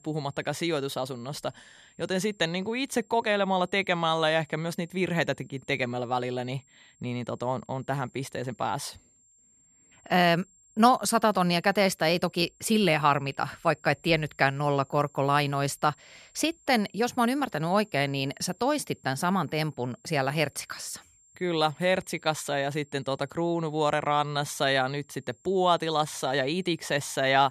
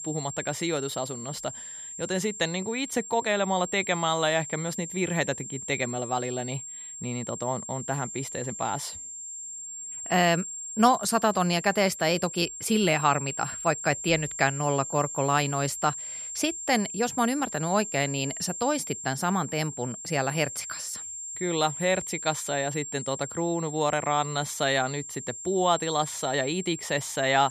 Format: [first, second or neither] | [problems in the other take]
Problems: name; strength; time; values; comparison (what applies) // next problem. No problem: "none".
first | high-pitched whine; loud; throughout; 7.5 kHz, 8 dB below the speech; faint in the first